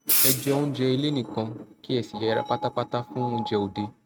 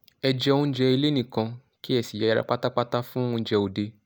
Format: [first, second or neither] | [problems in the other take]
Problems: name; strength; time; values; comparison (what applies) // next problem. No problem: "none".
second | noise reduction (neural mask model RNNoise)